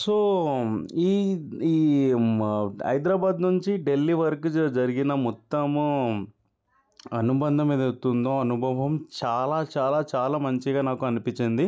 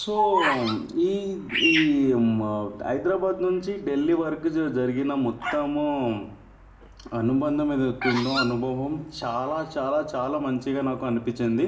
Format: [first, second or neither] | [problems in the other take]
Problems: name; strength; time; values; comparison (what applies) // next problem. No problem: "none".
first | background sound (Bird vocalization, bird call, bird song); 8 dB below the speech // room echo; dies away in 0.9 s